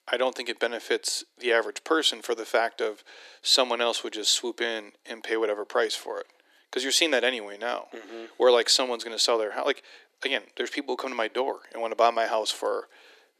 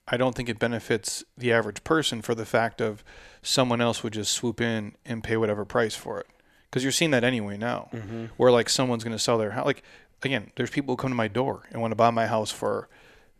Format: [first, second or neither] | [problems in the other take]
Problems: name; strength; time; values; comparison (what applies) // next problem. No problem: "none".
second | thin; somewhat; fading below 300 Hz